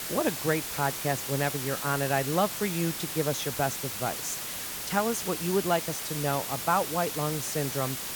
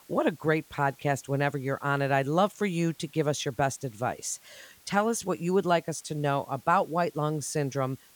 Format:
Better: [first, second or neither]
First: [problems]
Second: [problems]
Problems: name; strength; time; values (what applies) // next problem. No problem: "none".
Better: second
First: hiss; loud; throughout; 3 dB below the speech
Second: hiss; faint; throughout; 25 dB below the speech